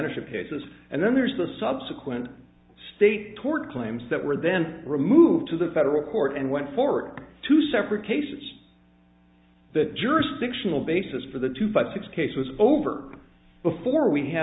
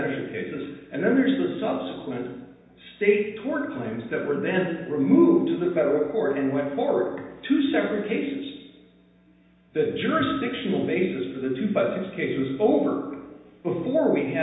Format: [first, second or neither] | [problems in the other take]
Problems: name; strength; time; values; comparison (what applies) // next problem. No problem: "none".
first | room echo; dies away in 0.9 s